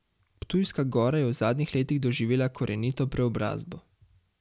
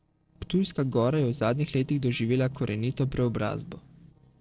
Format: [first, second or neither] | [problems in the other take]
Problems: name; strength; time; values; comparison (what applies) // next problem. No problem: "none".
first | noise reduction (neural separator model SepFormer DNS4)